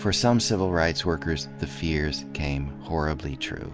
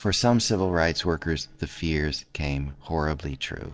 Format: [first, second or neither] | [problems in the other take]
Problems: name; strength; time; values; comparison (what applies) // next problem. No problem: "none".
first | noise reduction (neural separator model SepFormer DNS4)